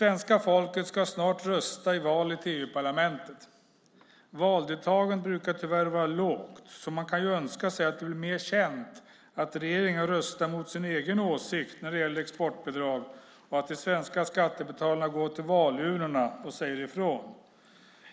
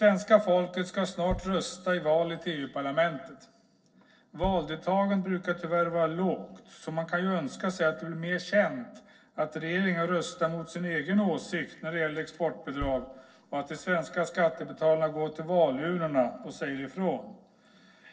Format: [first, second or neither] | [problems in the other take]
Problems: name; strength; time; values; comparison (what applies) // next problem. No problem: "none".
first | noise reduction (neural separator model SepFormer DNS4)